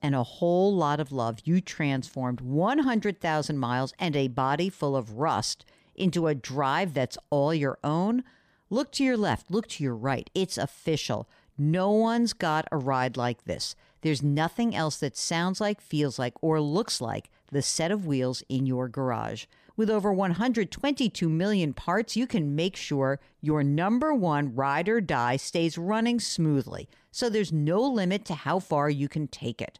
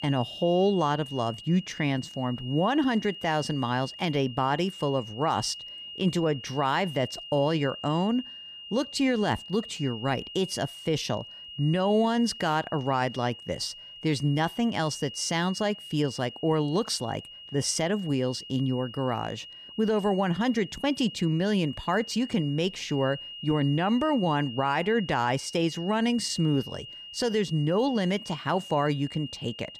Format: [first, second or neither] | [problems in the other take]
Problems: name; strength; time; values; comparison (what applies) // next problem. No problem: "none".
first | high-pitched whine; noticeable; throughout; 3 kHz, 15 dB below the speech